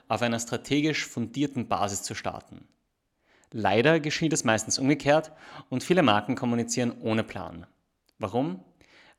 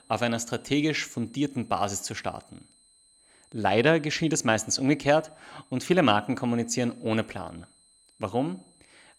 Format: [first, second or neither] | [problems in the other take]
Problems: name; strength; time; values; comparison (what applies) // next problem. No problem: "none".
first | high-pitched whine; faint; throughout; 8.5 kHz, 30 dB below the speech